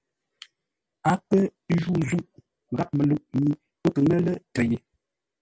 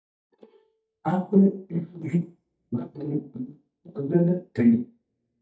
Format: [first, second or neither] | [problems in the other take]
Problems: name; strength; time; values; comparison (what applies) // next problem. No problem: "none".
first | noise reduction (neural mask model DeepFilterNet 3)